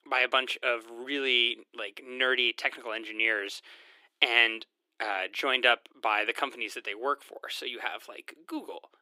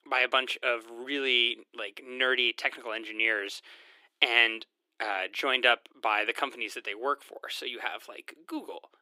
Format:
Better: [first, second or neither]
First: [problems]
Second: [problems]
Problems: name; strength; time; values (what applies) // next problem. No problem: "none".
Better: neither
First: thin; very; fading below 350 Hz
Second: thin; very; fading below 350 Hz